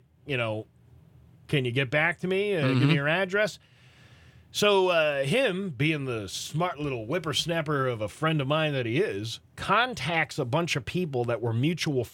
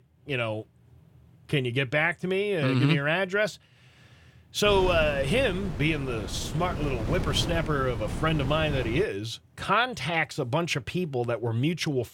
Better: first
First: none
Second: wind noise on the microphone; occasional gusts; from 4.5 to 9 s; 10 dB below the speech

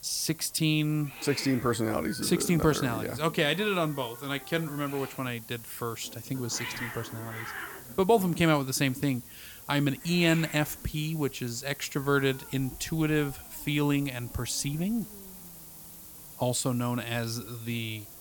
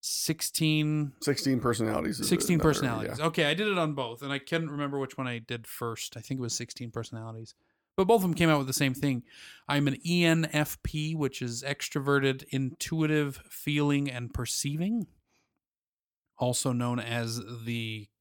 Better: second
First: hiss; noticeable; throughout; 15 dB below the speech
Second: none

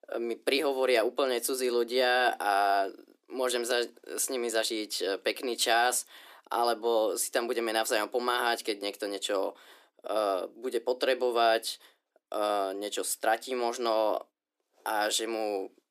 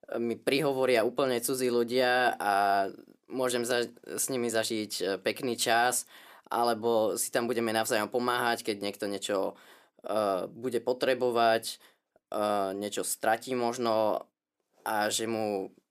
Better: second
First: thin; very slightly; fading below 300 Hz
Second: none

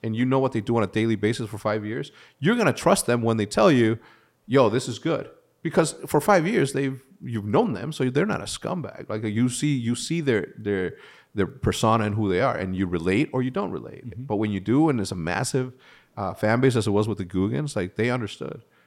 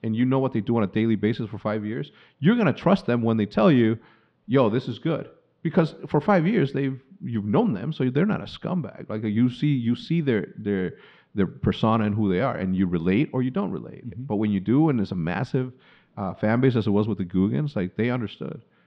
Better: first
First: none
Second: muffled; slightly; fading above 3.5 kHz

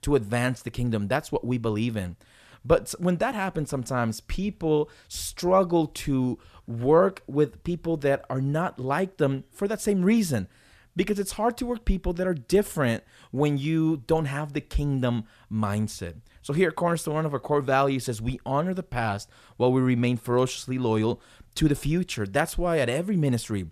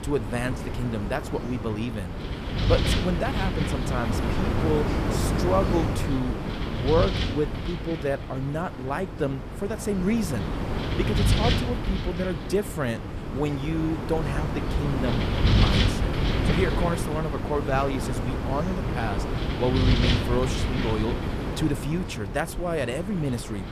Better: first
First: none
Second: wind noise on the microphone; heavy; 1 dB below the speech

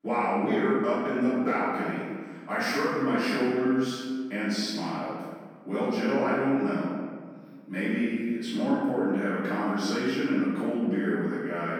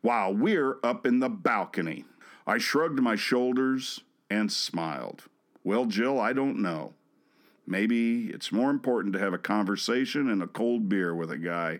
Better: second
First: off-mic speech; far // room echo; strong; dies away in 1.5 s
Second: none

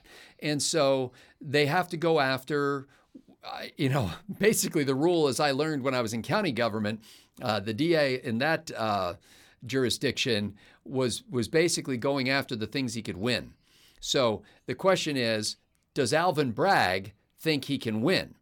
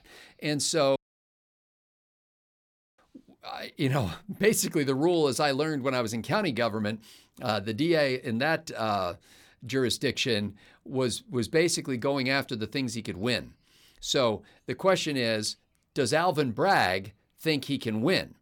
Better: first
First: none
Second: audio cutting out; at 1 s for 2 s

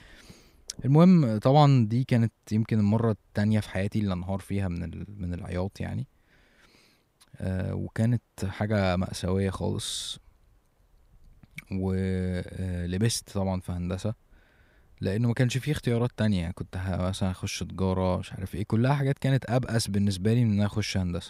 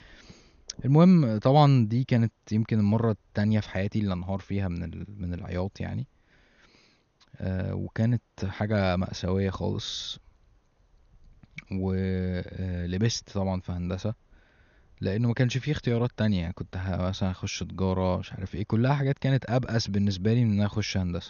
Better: first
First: none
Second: garbled, watery; slightly; nothing above 6.5 kHz

